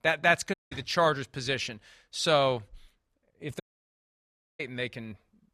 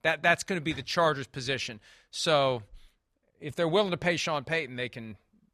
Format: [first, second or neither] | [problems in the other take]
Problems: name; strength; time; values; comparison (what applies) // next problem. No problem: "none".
second | audio cutting out; at 0.5 s and at 3.5 s for 1 s